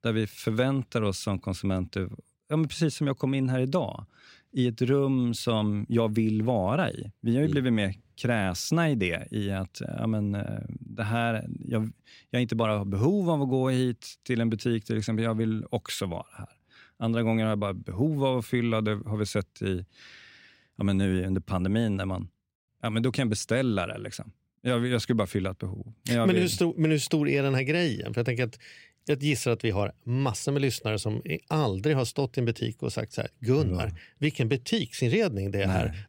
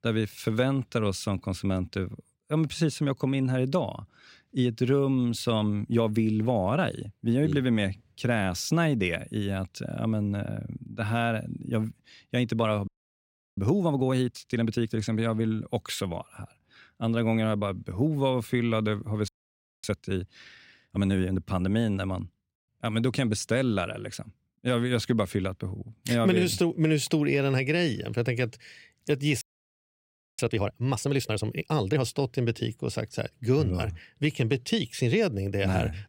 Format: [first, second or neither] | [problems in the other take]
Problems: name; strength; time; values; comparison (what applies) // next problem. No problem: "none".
first | audio freezing; at 13 s for 0.5 s, at 19 s for 0.5 s and at 29 s for 1 s